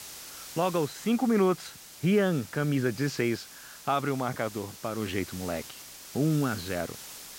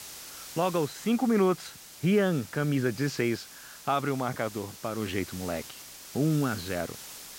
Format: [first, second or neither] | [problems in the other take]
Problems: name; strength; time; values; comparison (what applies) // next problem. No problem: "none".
neither | hiss; noticeable; throughout; 15 dB below the speech; the same in both